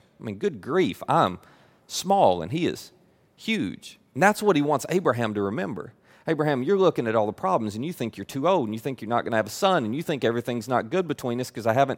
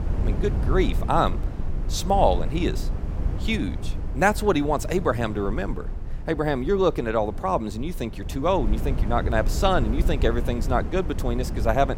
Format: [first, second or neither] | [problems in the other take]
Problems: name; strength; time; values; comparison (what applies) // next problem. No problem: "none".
first | wind noise on the microphone; occasional gusts; 15 dB below the speech